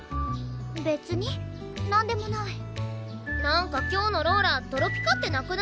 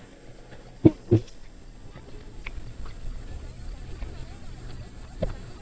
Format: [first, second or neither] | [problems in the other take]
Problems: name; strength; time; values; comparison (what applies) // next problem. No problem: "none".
first | noise reduction (neural mask model DeepFilterNet 3)